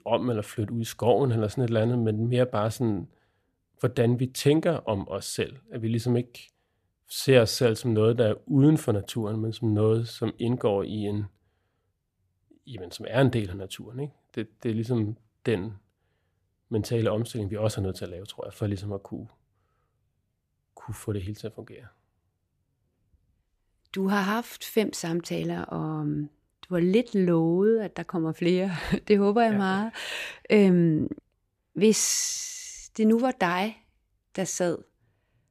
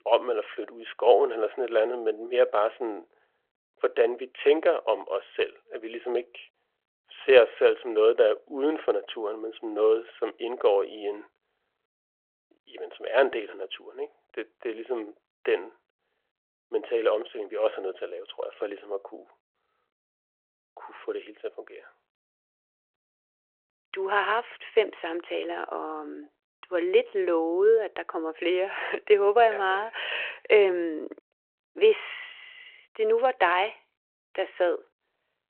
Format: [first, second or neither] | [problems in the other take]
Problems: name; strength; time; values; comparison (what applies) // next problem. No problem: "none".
first | phone-call audio